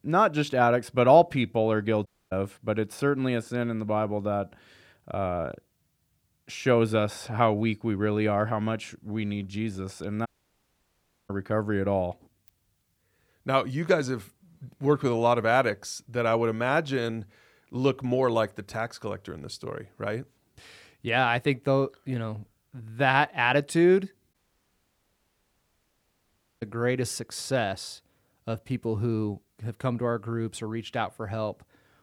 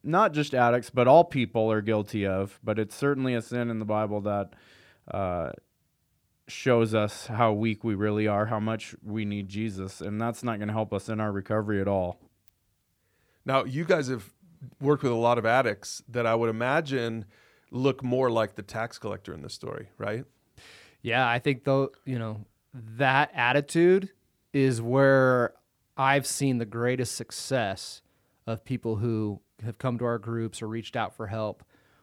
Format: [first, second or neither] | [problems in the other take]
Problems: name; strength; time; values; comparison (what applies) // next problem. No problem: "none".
second | audio cutting out; at 2 s, at 10 s for 1 s and at 24 s for 2.5 s